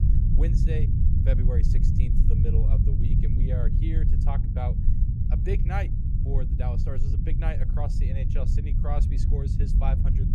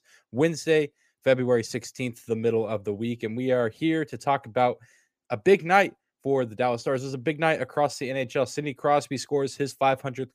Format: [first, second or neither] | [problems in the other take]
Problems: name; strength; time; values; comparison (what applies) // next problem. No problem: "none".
second | low rumble; loud; throughout; 1 dB below the speech